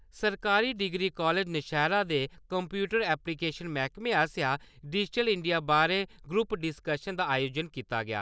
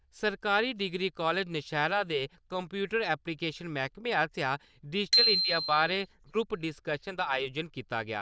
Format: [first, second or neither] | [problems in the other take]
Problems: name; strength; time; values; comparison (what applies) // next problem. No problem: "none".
first | noise reduction (neural diffusion model UNIVERSE++)